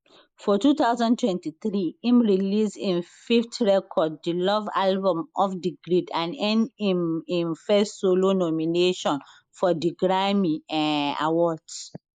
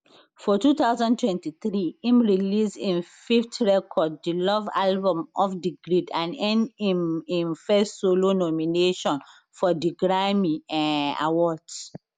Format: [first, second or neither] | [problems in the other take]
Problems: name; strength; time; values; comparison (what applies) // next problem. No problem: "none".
second | noise reduction (neural mask model Resemble Enhance denoiser)